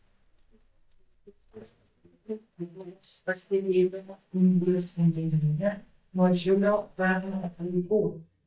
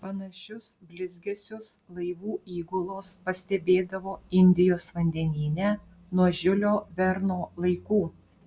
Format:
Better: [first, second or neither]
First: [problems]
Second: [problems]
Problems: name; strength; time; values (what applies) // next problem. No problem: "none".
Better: second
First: noise reduction (neural mask model DeepFilterNet 3)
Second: none